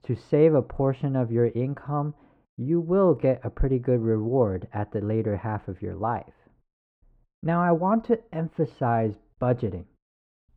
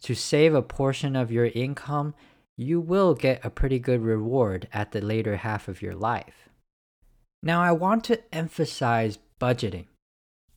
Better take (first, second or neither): second